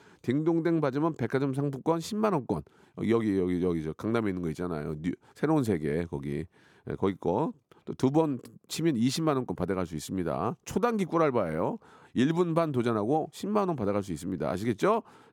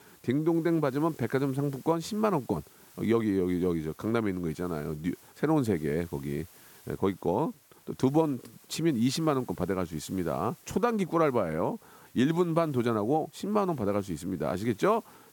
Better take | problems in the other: first | hiss; faint; throughout; 25 dB below the speech

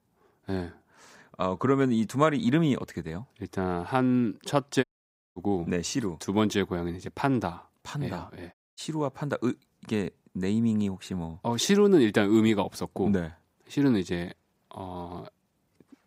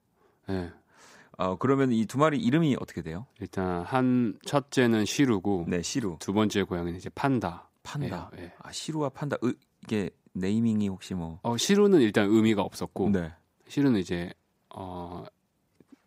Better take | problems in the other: second | audio cutting out; at 5 s for 0.5 s and at 8.5 s

